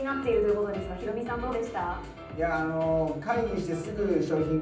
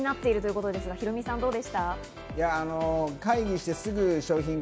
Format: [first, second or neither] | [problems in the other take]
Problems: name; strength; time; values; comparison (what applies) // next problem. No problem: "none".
second | room echo; dies away in 0.6 s